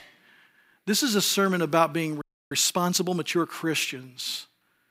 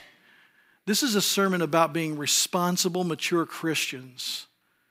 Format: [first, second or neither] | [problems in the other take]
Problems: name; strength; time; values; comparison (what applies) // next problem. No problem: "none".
second | audio freezing; at 2 s